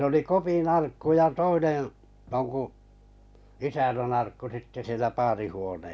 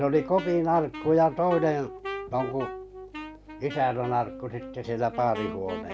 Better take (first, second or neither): first